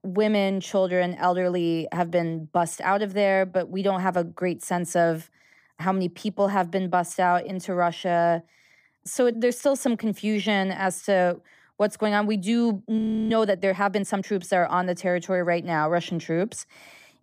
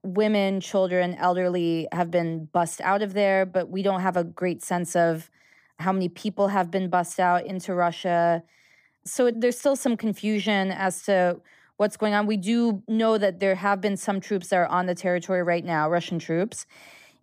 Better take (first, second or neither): second